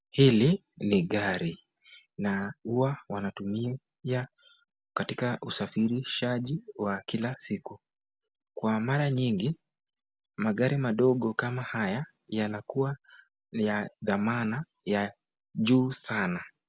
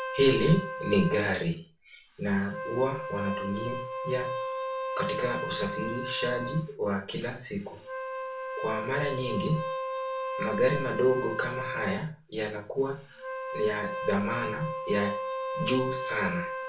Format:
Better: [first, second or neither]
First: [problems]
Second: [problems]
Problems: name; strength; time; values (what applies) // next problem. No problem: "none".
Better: first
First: none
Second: background sound (Wind instrument, woodwind instrument); 5 dB below the speech // room echo; dies away in 0.3 s